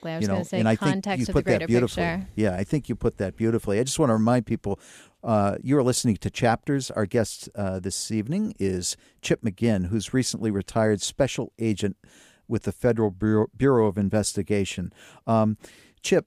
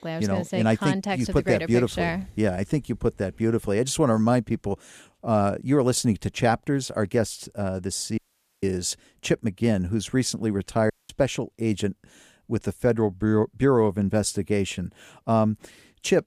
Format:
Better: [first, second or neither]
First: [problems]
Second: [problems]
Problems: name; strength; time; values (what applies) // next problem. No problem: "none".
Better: first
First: none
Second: audio cutting out; at 8 s and at 11 s